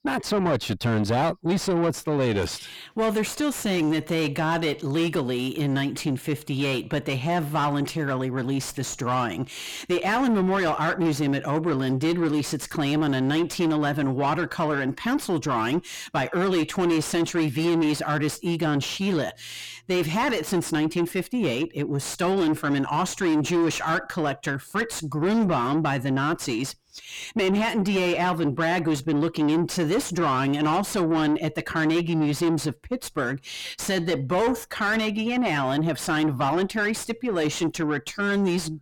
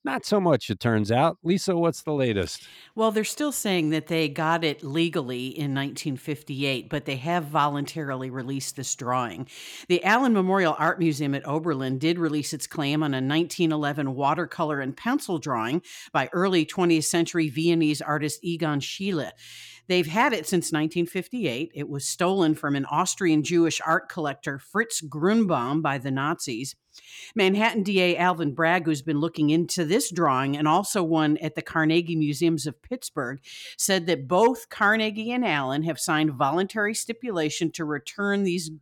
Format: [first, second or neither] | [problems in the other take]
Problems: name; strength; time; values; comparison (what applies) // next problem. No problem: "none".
second | distortion; heavy; 7 dB below the speech